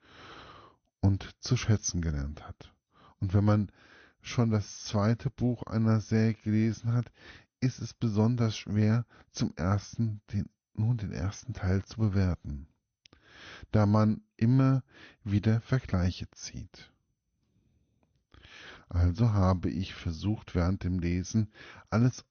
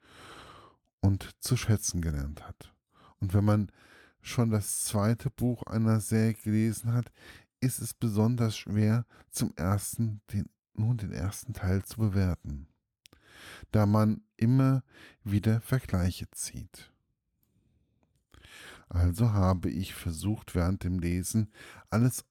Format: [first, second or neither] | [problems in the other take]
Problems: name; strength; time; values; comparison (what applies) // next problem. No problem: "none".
second | garbled, watery; slightly; nothing above 6.5 kHz